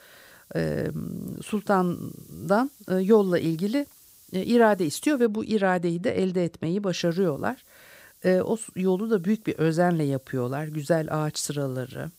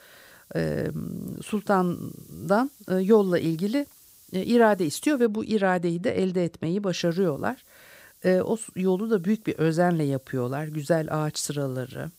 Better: neither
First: hiss; faint; until 5.5 s and from 7 s on; 25 dB below the speech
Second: hiss; faint; until 5.5 s and from 7 s on; 25 dB below the speech

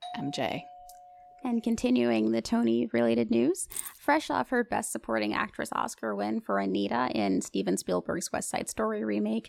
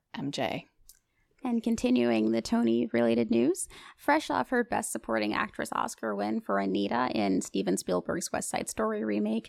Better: second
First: doorbell; faint; until 1.5 s; peak 15 dB below the speech // jangling keys; noticeable; at 3.5 s; peak 8 dB below the speech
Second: none

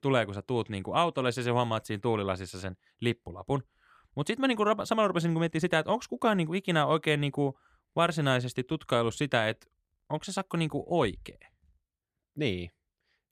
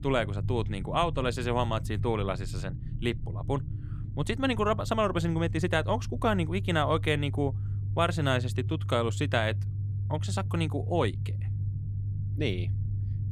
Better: first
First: none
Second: low rumble; noticeable; throughout; 20 dB below the speech

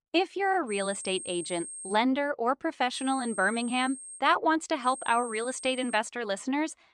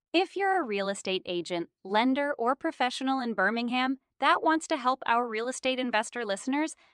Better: second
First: high-pitched whine; noticeable; from 0.5 to 2 s, from 3 to 4 s and from 5 to 6 s; 8.5 kHz, 10 dB below the speech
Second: none

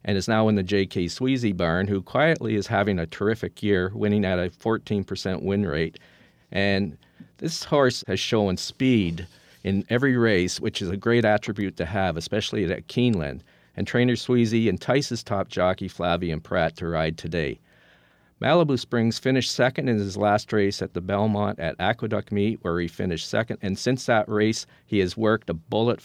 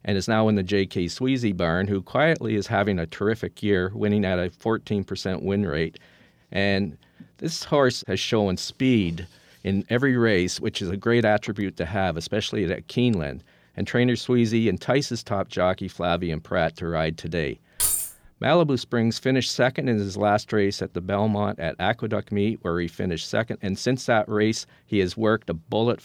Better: first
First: none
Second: jangling keys; loud; at 18 s; peak 3 dB above the speech

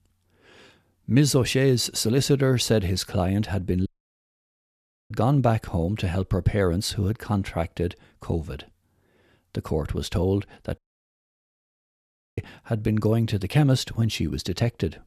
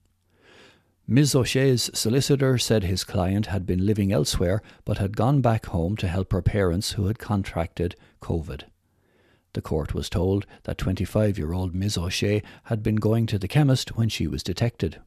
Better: second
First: audio cutting out; at 4 s for 1 s and at 11 s for 1.5 s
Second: none

